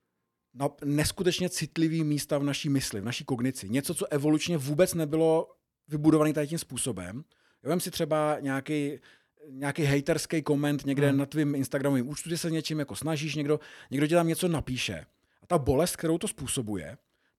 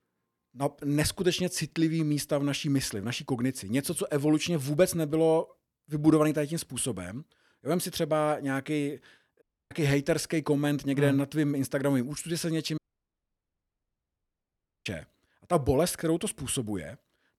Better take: first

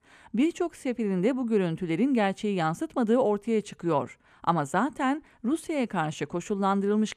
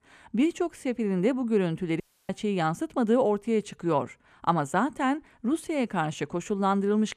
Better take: first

